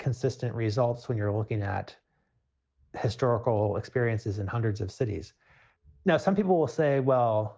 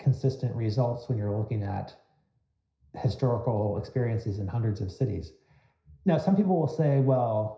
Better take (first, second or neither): first